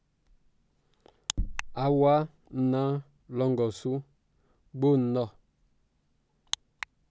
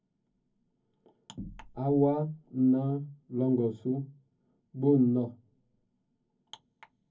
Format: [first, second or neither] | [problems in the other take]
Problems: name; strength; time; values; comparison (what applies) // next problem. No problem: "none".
first | room echo; dies away in 0.3 s